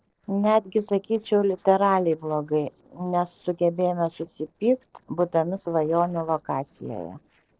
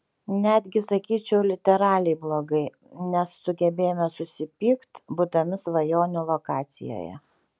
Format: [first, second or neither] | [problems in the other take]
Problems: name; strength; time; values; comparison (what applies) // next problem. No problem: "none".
second | noise reduction (neural separator model SepFormer DNS4)